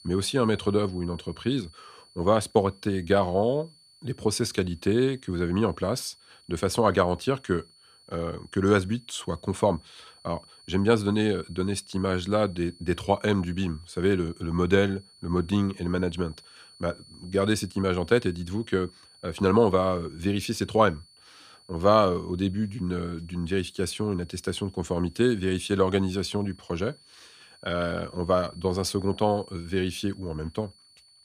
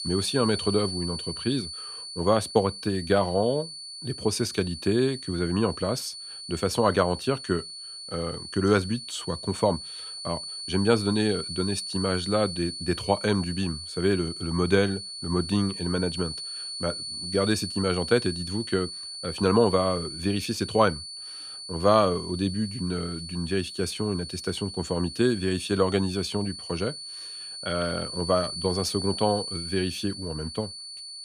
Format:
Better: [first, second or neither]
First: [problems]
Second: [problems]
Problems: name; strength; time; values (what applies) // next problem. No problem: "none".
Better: first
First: high-pitched whine; faint; throughout; 4.5 kHz, 25 dB below the speech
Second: high-pitched whine; loud; throughout; 4.5 kHz, 8 dB below the speech